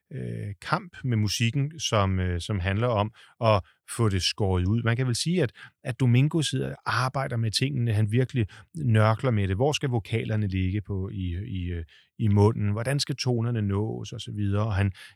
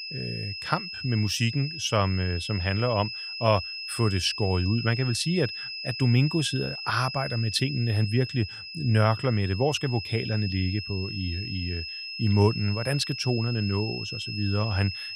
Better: first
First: none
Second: high-pitched whine; loud; throughout; 5 kHz, 7 dB below the speech

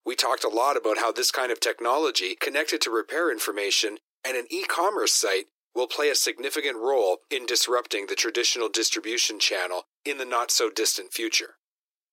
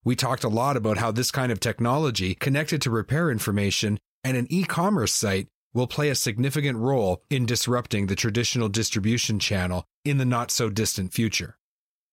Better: second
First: thin; very; fading below 300 Hz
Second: none

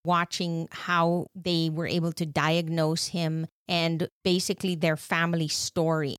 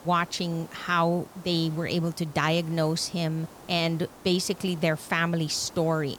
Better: first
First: none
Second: hiss; faint; throughout; 20 dB below the speech

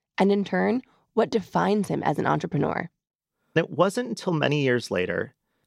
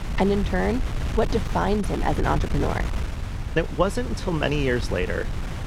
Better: first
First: none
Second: wind noise on the microphone; occasional gusts; 10 dB below the speech

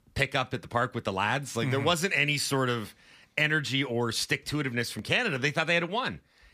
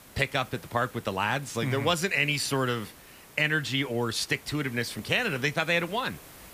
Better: first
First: none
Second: hiss; faint; throughout; 20 dB below the speech

